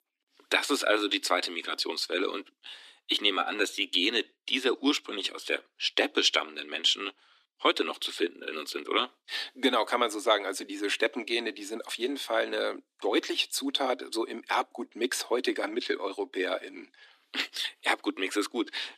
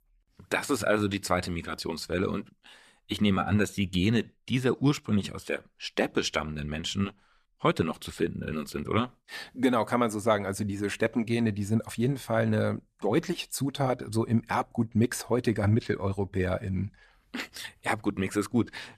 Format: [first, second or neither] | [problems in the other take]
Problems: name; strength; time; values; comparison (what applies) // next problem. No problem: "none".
second | thin; somewhat; fading below 250 Hz